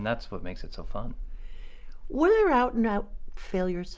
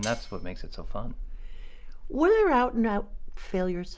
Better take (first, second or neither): first